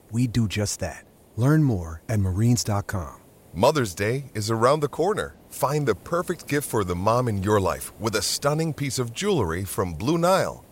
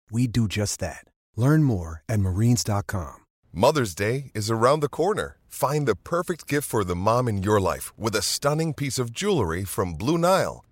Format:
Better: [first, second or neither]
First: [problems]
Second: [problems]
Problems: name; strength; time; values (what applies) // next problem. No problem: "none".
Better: second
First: hiss; faint; throughout; 25 dB below the speech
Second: none